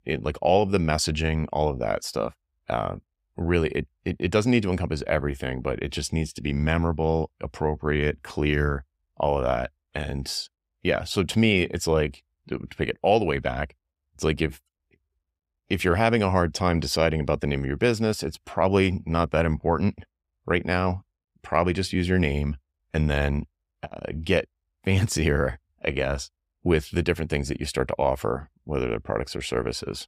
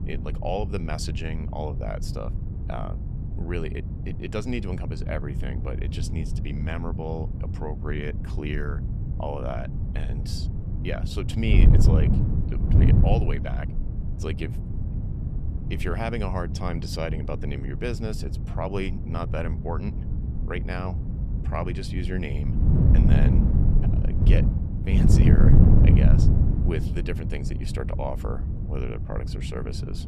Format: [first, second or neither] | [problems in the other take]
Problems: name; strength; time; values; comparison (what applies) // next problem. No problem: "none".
first | wind noise on the microphone; heavy; 3 dB below the speech